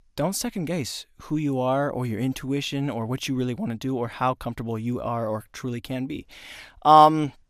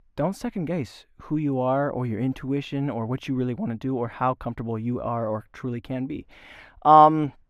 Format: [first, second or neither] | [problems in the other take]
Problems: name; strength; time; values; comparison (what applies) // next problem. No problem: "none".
first | muffled; slightly; fading above 3 kHz